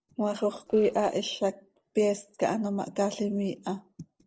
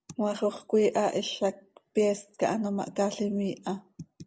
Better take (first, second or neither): second